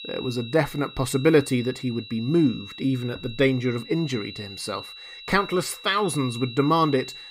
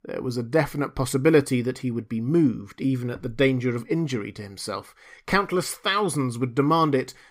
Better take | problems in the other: second | high-pitched whine; noticeable; throughout; 4 kHz, 15 dB below the speech

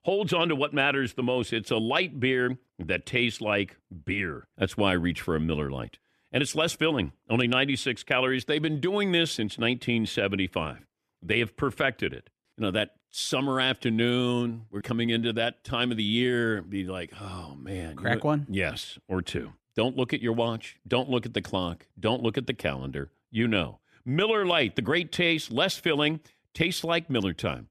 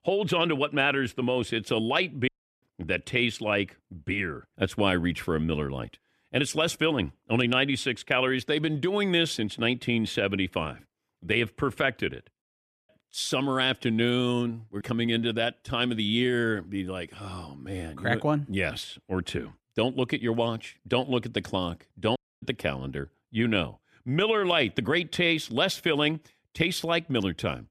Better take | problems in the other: first | audio cutting out; at 2.5 s, at 12 s and at 22 s

